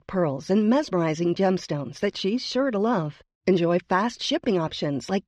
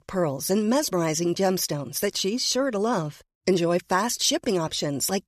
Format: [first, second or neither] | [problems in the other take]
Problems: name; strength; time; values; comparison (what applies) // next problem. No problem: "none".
second | muffled; slightly; fading above 3.5 kHz